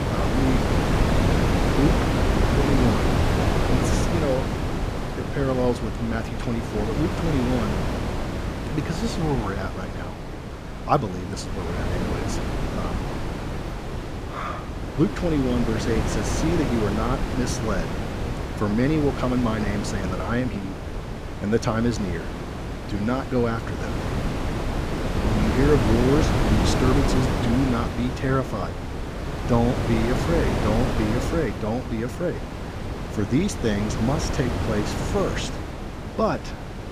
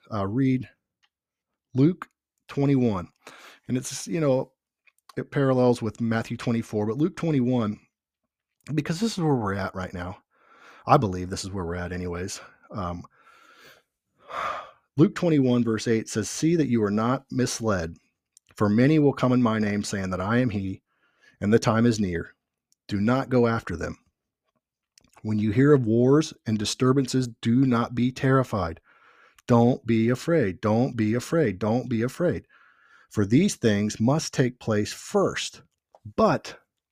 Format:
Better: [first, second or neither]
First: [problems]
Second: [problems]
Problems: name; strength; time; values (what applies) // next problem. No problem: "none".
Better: second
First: wind noise on the microphone; heavy; 1 dB below the speech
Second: none